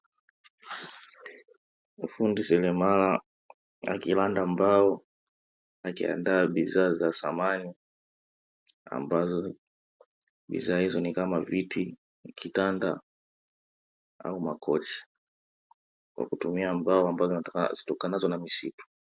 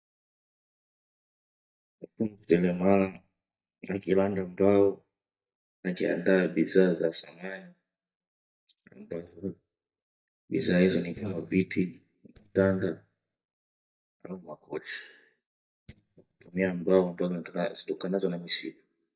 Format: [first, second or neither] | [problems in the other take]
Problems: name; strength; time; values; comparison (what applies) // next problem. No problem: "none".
first | noise reduction (neural mask model DeepFilterNet 3)